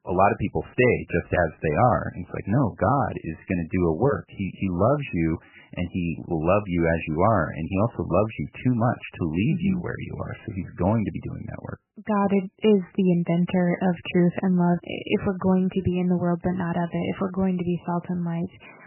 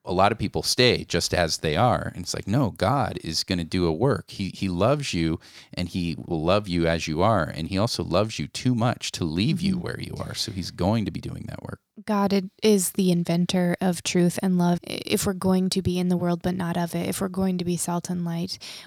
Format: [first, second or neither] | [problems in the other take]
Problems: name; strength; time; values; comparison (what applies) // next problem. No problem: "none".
second | garbled, watery; badly; nothing above 3 kHz